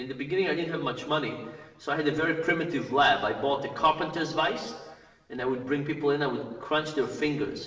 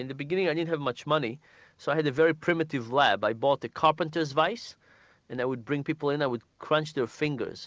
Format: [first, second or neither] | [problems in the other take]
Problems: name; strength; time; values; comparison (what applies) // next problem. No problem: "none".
second | room echo; dies away in 1.1 s